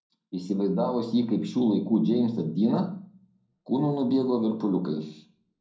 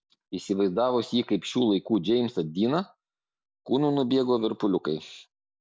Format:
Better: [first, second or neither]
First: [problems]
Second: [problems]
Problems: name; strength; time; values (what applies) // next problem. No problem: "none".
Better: second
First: room echo; dies away in 0.5 s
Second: none